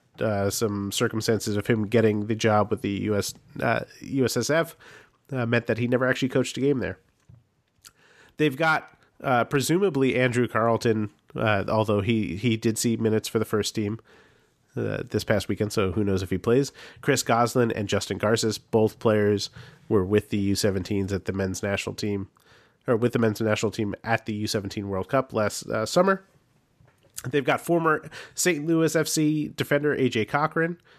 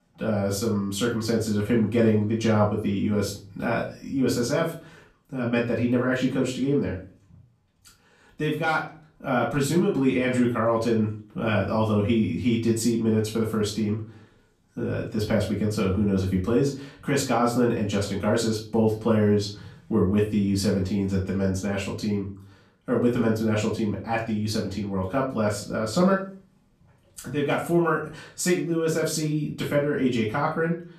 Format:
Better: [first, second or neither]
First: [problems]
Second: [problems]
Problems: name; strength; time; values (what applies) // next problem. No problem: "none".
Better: first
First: none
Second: off-mic speech; far // room echo; slight; dies away in 0.3 s